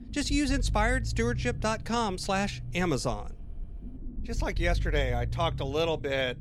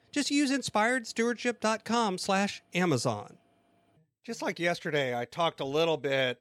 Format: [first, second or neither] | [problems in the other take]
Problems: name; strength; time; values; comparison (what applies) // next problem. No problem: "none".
second | low rumble; faint; throughout; 20 dB below the speech